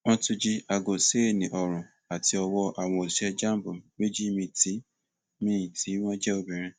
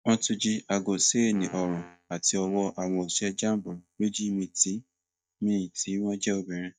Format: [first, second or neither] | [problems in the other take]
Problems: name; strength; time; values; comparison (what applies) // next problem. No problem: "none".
first | noise reduction (neural mask model DeepFilterNet 3)